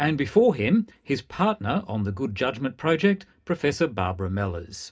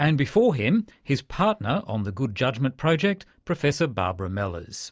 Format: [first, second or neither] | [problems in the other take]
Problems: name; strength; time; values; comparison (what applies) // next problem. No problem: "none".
second | room echo; dies away in 0.3 s